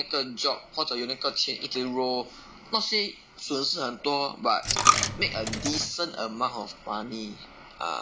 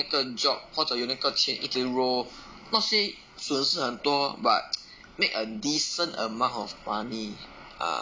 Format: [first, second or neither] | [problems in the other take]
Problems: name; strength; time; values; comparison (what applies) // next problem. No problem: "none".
second | background sound (Coin (dropping)); 1 dB above the speech